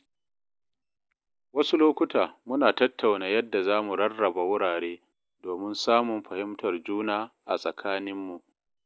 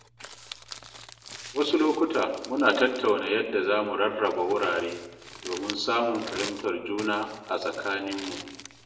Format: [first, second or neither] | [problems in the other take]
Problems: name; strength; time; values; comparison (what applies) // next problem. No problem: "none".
first | background sound (Crumpling, crinkling); 15 dB below the speech // room echo; dies away in 0.8 s